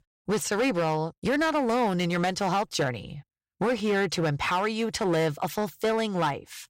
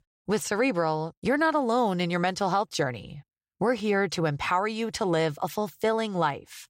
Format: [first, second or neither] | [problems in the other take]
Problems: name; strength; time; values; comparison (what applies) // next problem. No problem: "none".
second | distortion; slight; 11% of the sound clipped